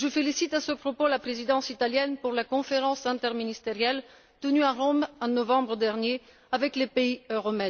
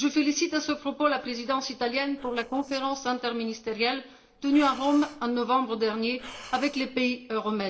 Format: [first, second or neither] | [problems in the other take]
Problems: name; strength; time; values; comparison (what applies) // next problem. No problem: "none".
first | noise reduction (neural separator model SepFormer DNS4)